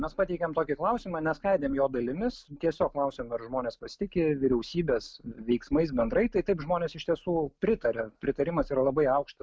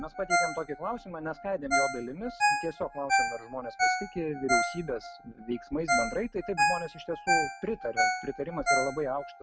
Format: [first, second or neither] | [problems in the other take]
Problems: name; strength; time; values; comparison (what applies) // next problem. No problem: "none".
first | background sound (Ringtone); 4 dB above the speech